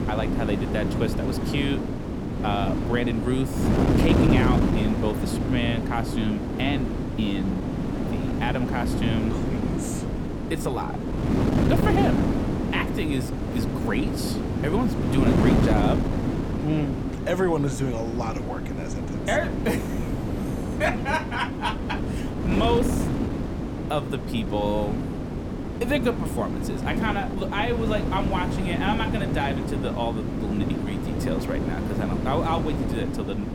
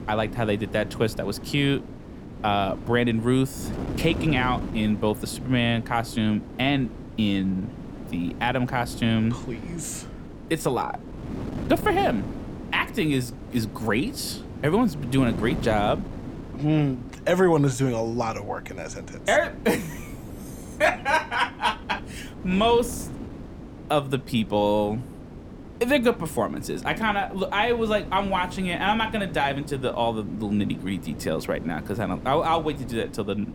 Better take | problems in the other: second | wind noise on the microphone; heavy; 2 dB below the speech; occasional gusts in the second

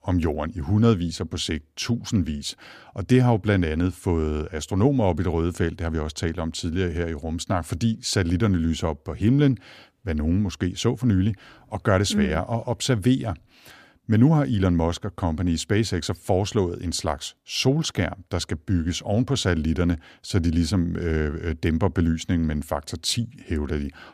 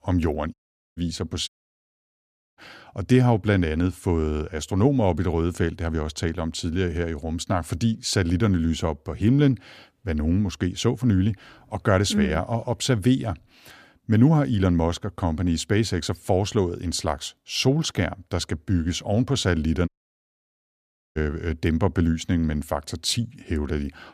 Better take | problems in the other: first | audio cutting out; at 0.5 s, at 1.5 s for 1 s and at 20 s for 1.5 s

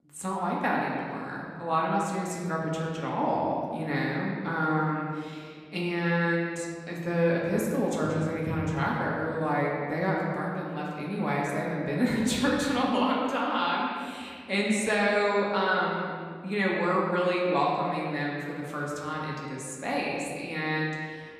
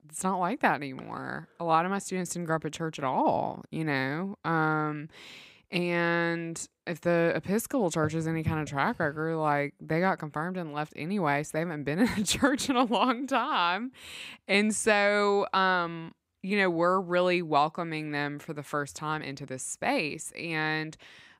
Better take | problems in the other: second | room echo; noticeable; dies away in 1.8 s // off-mic speech; far

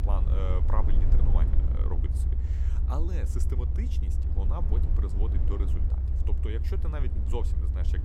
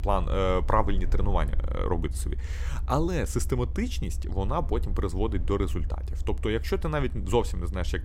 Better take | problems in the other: second | low rumble; loud; throughout; 4 dB below the speech; faint in the second

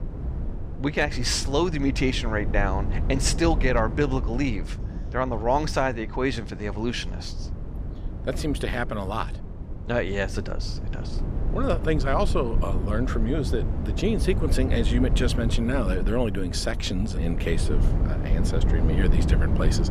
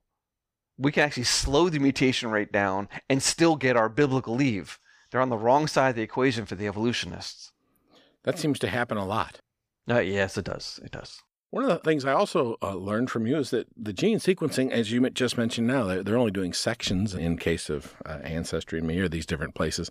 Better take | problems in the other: second | low rumble; noticeable; throughout; 10 dB below the speech

